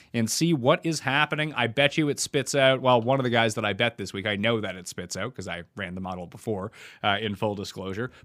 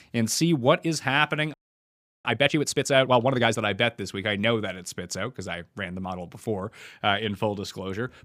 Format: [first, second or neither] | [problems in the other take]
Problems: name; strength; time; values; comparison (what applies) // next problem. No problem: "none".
first | audio freezing; at 1.5 s for 0.5 s